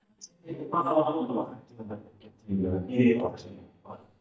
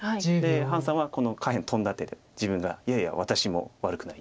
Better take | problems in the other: second | noise reduction (neural mask model DeepFilterNet 3)

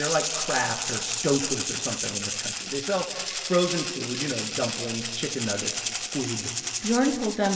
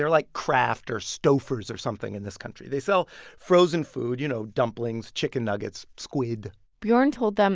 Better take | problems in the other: second | background sound (Rattle (instrument)); 2 dB below the speech // room echo; dies away in 2.5 s

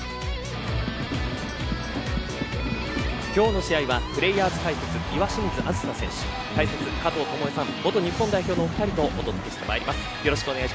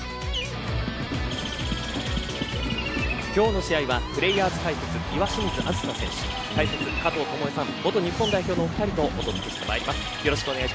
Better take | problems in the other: first | background sound (Bird); 12 dB below the speech

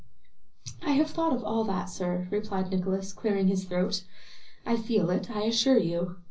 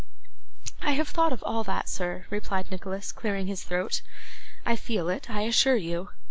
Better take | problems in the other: second | room echo; dies away in 0.5 s

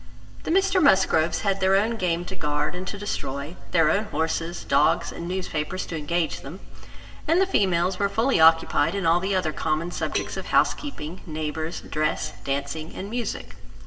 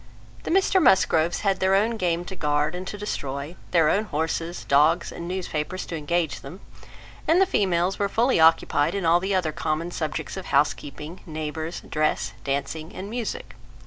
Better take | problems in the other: second | background sound (Cowbell); 19 dB below the speech // room echo; dies away in 1.6 s

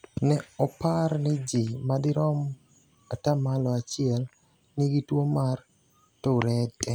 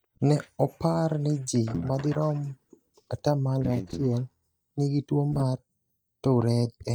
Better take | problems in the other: first | noise reduction (neural mask model DeepFilterNet 3)

